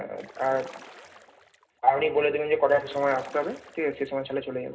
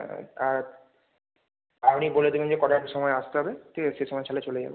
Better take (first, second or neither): second